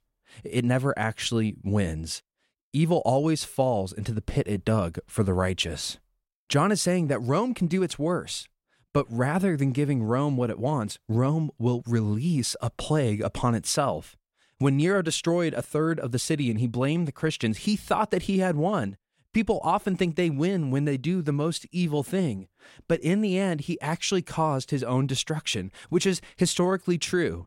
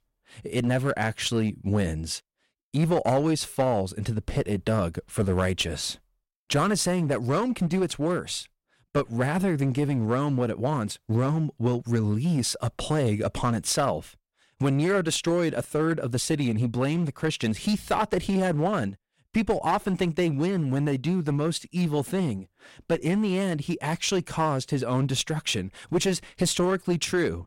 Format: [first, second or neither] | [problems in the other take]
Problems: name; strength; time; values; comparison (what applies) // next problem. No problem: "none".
first | distortion; slight; 7% of the sound clipped